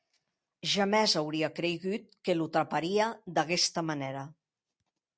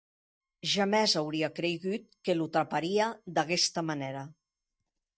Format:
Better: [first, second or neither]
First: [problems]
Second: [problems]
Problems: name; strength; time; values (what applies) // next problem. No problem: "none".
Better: first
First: none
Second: noise reduction (neural mask model DeepFilterNet 3)